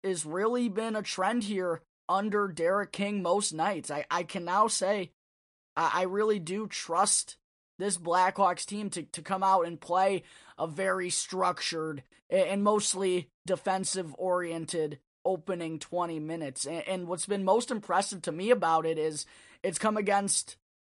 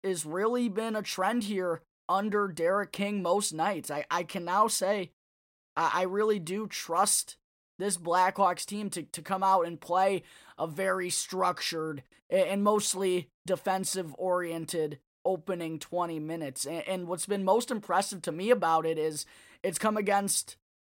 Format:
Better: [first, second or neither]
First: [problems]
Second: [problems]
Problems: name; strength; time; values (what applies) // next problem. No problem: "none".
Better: second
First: garbled, watery; slightly; nothing above 10.5 kHz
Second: none